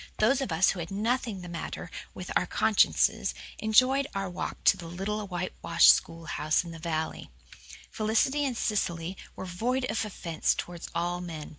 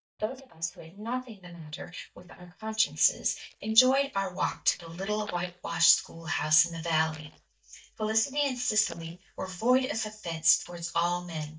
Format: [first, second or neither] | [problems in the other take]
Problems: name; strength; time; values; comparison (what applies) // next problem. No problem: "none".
first | noise reduction (neural mask model DeepFilterNet 3)